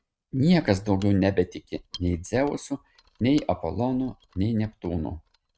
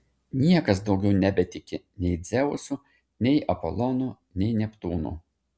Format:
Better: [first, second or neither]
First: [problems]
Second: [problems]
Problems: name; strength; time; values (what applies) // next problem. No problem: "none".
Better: second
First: noise reduction (neural mask model RNNoise)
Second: none